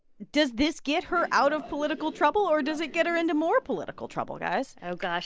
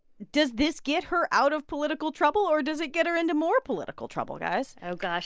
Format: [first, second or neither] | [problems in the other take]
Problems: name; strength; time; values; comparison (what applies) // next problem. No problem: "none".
second | background sound (Train); 18 dB below the speech